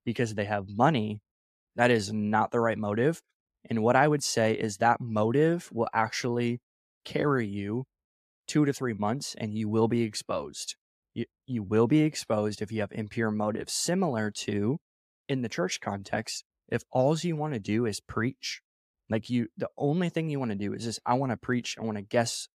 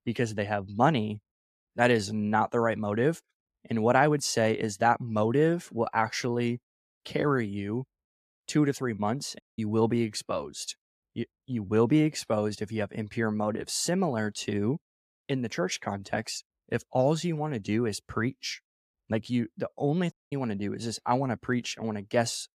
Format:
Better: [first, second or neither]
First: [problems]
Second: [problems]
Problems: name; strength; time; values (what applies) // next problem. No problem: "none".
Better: first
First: none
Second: audio cutting out; at 9.5 s and at 20 s